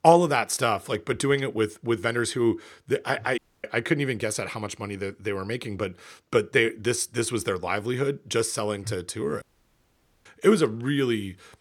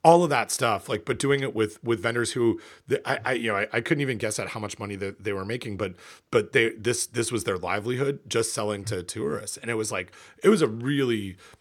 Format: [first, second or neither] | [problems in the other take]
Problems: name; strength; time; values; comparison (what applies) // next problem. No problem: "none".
second | audio cutting out; at 3.5 s and at 9.5 s for 1 s